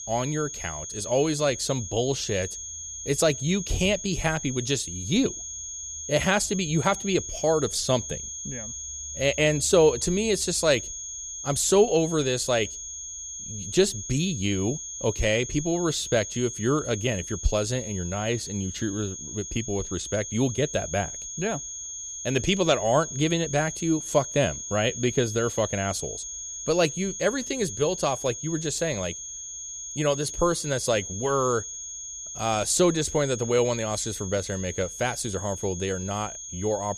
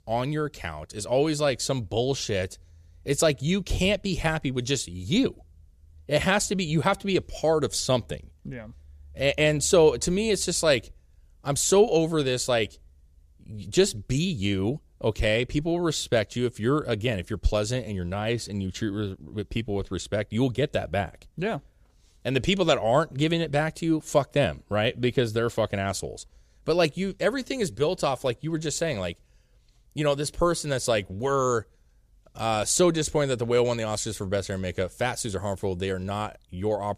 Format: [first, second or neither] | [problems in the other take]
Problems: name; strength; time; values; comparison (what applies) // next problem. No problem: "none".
second | high-pitched whine; loud; throughout; 6.5 kHz, 8 dB below the speech